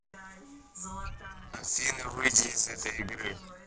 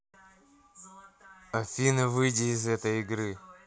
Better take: second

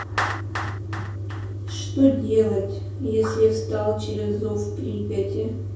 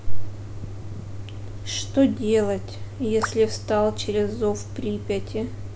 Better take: second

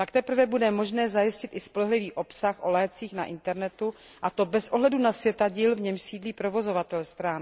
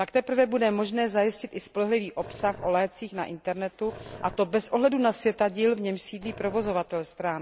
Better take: first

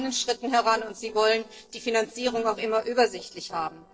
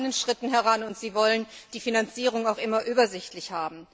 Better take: second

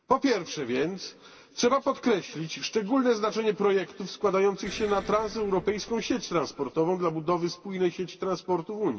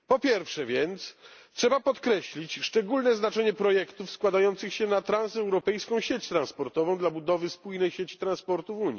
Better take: second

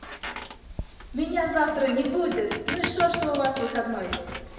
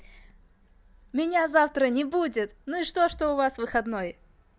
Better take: second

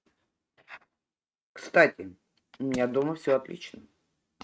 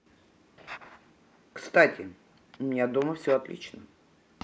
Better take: second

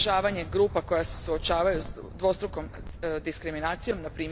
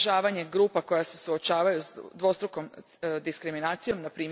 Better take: second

